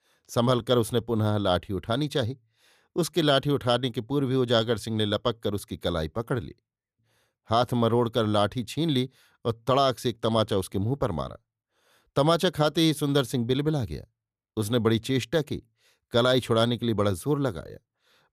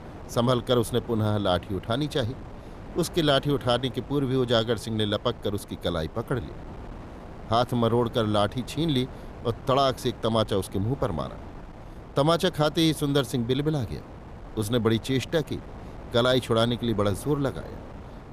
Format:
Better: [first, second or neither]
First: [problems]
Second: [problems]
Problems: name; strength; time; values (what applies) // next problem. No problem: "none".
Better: first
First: none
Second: wind noise on the microphone; occasional gusts; 20 dB below the speech